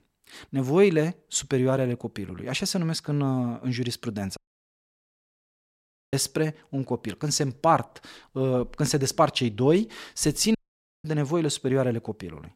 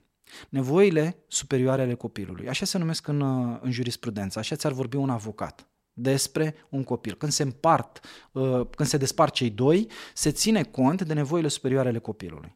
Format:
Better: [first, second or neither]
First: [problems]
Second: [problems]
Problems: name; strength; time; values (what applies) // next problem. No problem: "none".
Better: second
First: audio cutting out; at 4.5 s for 2 s and at 11 s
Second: none